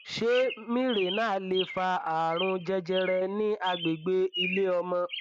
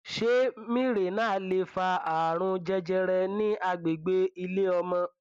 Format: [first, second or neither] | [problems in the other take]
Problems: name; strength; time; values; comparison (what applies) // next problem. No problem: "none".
second | noise reduction (neural mask model RNNoise)